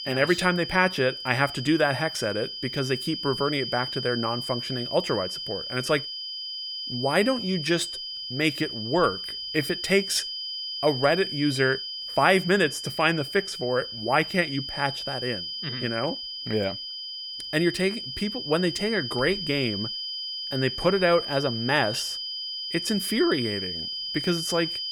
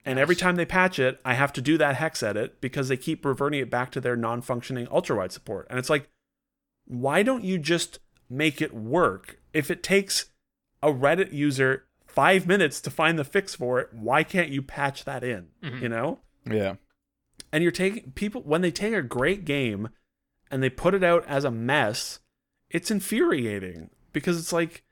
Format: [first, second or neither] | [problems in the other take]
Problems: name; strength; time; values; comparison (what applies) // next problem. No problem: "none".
second | high-pitched whine; loud; throughout; 5 kHz, 5 dB below the speech